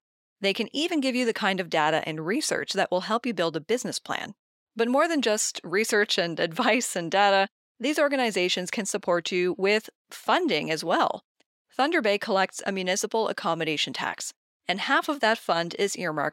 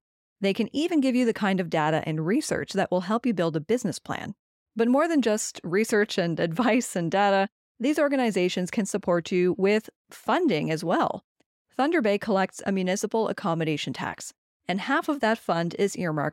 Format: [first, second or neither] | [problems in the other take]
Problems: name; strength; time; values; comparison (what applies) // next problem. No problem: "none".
second | thin; very slightly; fading below 1 kHz